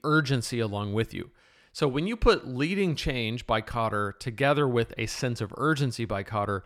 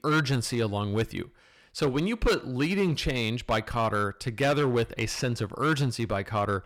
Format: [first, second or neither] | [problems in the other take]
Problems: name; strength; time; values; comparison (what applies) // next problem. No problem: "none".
first | distortion; slight; 6% of the sound clipped